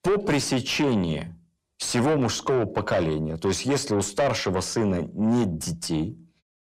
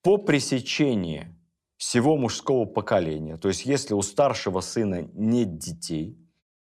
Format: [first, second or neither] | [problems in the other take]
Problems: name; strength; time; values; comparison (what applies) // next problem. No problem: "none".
second | distortion; heavy; 7 dB below the speech